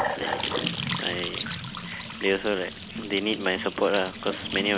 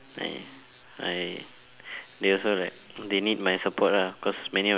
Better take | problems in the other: second | background sound (Trickle, dribble / Bathtub (filling or washing) / Sink (filling or washing) / Gurgling / Splash, splatter); 4 dB below the speech

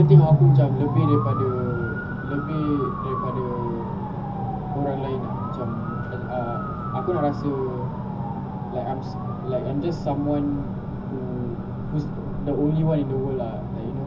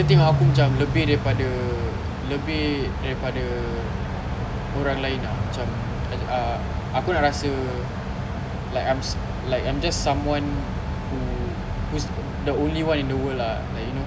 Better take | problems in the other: second | background sound (Motor vehicle (road) / Siren); 12 dB below the speech // room echo; dies away in 0.4 s

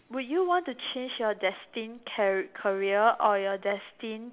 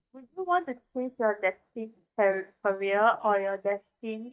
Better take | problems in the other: first | noise reduction (neural mask model DeepFilterNet 3)

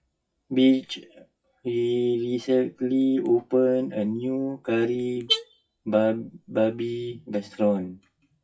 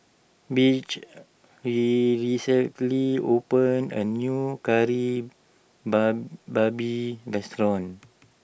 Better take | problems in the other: second | noise reduction (classical method WPE with log-MMSE)

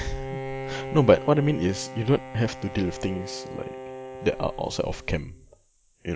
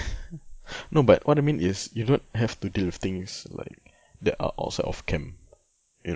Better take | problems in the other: second | background sound (Bowed string instrument); 11 dB below the speech

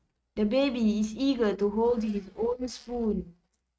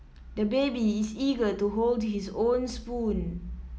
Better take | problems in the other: second | noise reduction (neural mask model RNNoise)

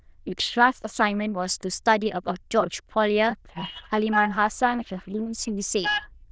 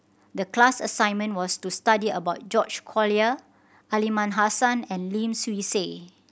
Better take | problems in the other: second | noise reduction (neural diffusion model UNIVERSE++)

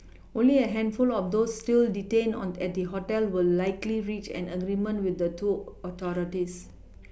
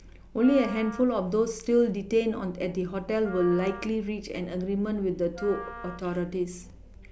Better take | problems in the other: first | background sound (Wind instrument, woodwind instrument); 18 dB below the speech

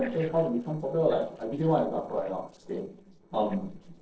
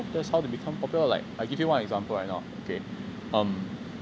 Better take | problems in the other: second | noise reduction (neural separator model SepFormer DNS4)

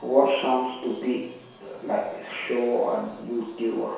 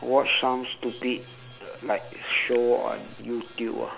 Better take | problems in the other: second | room echo; dies away in 0.7 s

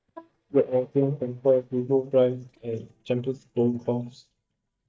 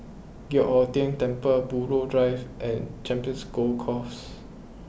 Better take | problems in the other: second | noise reduction (neural mask model DeepFilterNet 3)

